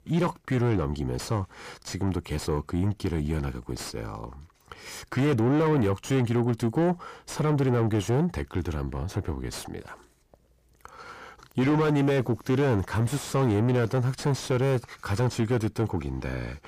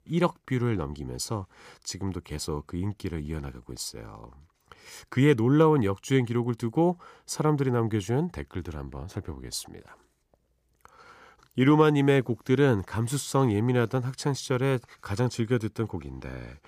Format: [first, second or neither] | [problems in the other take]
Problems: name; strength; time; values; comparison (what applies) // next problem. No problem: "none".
second | distortion; heavy; 6 dB below the speech